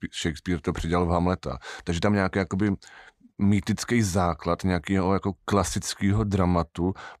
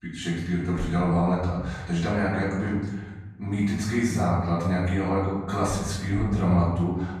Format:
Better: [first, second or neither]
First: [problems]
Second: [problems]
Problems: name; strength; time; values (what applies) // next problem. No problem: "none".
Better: first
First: none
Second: off-mic speech; far // room echo; noticeable; dies away in 1.2 s